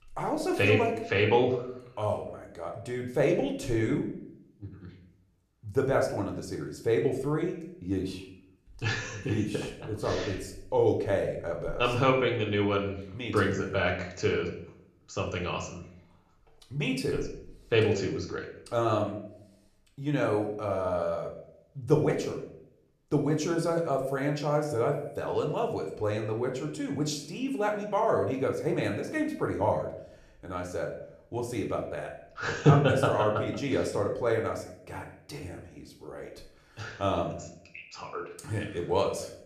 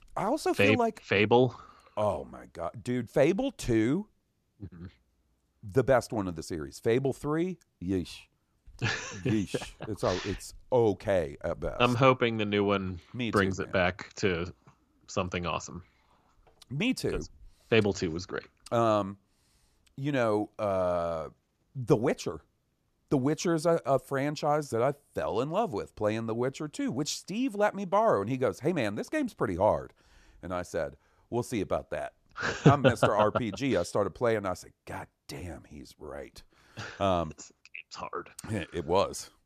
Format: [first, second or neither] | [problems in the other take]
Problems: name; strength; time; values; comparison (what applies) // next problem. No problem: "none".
second | room echo; slight; dies away in 0.6 s // off-mic speech; somewhat distant